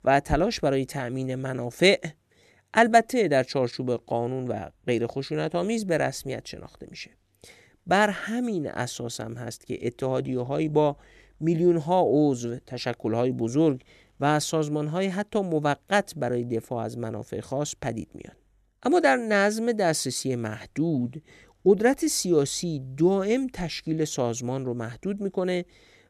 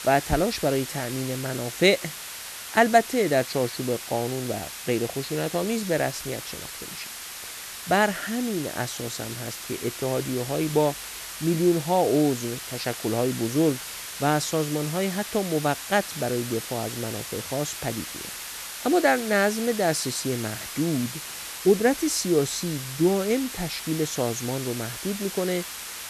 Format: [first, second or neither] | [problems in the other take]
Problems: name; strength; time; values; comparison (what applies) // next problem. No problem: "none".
first | hiss; loud; throughout; 8 dB below the speech